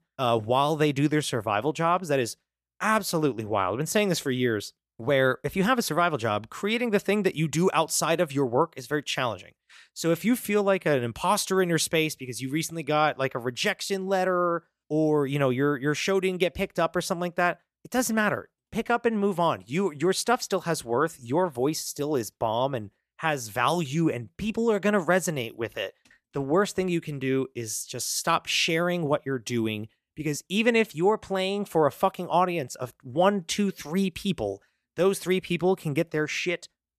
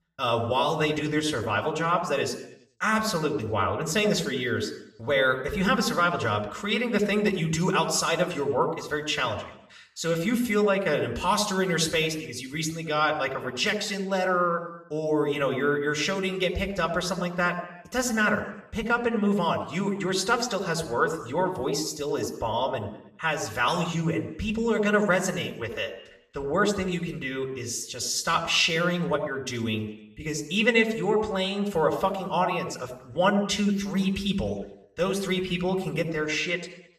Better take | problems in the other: first | room echo; slight; dies away in 0.8 s // off-mic speech; somewhat distant

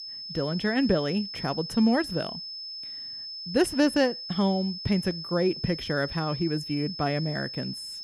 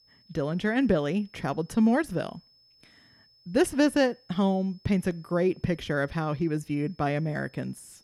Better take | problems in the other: second | high-pitched whine; loud; throughout; 5 kHz, 8 dB below the speech; faint in the second

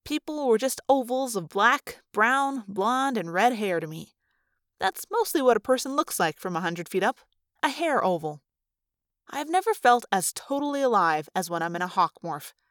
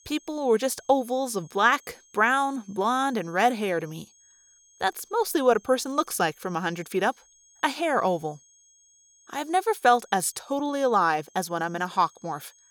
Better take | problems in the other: first | high-pitched whine; faint; throughout; 6.5 kHz, 30 dB below the speech

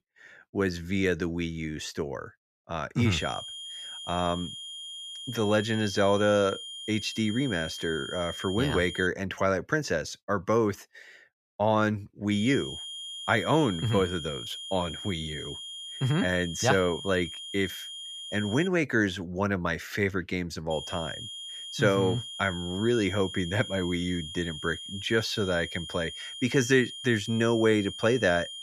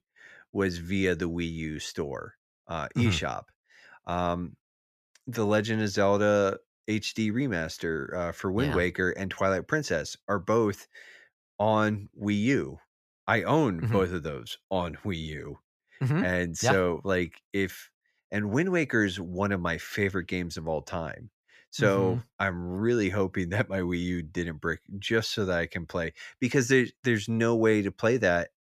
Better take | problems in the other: second | high-pitched whine; loud; from 3 to 9 s, from 12 to 19 s and from 21 s on; 3 kHz, 9 dB below the speech

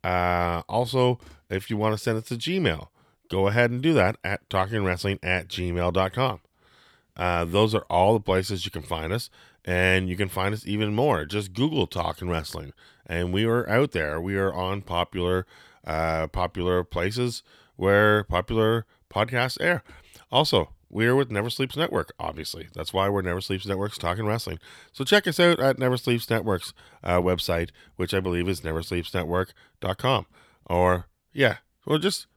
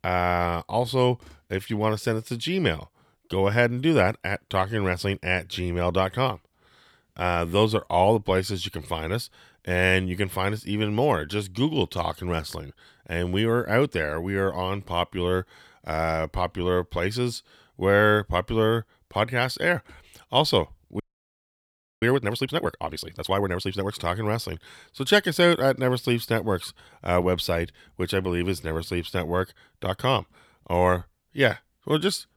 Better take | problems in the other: first | audio freezing; at 21 s for 1 s

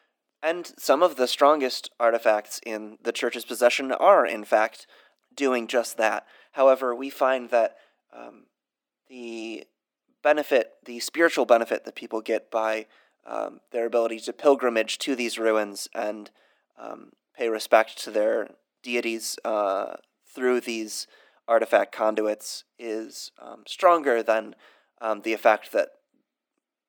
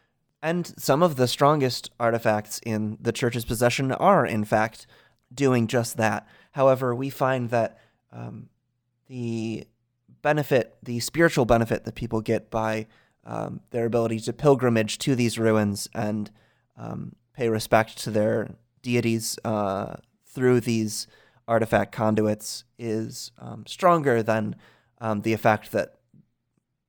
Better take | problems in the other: second | thin; somewhat; fading below 250 Hz

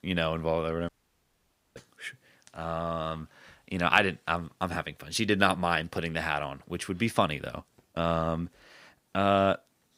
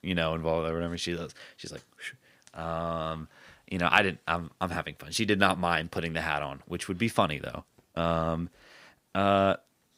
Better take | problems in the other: second | audio cutting out; at 1 s for 1 s

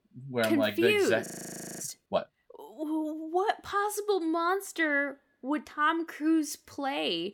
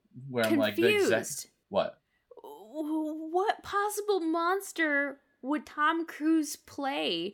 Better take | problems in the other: second | audio freezing; at 1.5 s for 0.5 s

